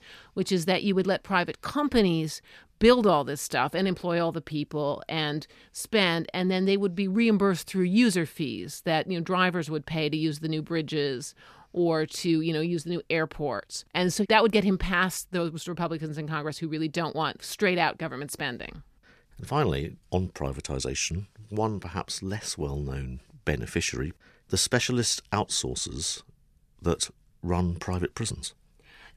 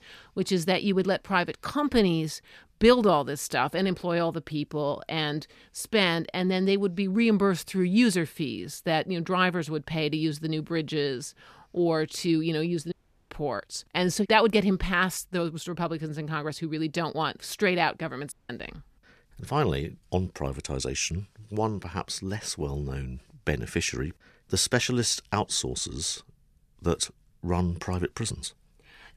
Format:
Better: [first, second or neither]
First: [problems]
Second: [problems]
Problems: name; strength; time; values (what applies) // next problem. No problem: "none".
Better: first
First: none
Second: audio cutting out; at 13 s and at 18 s